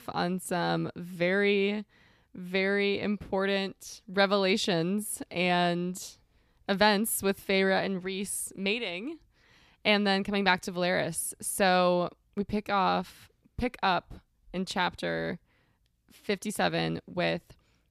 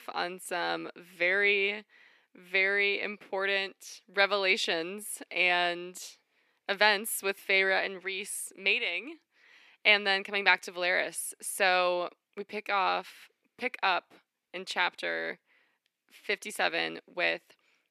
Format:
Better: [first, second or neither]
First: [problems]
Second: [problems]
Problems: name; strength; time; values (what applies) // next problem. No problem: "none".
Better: first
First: none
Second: thin; somewhat; fading below 300 Hz